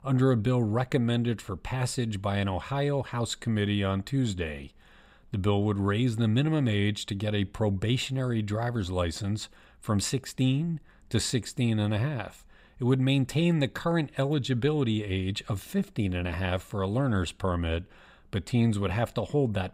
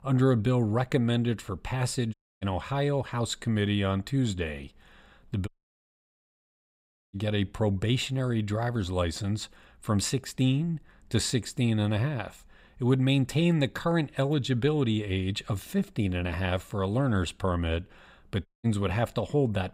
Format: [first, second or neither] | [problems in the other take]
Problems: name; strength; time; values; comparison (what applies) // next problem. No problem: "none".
first | audio cutting out; at 2 s, at 5.5 s for 1.5 s and at 18 s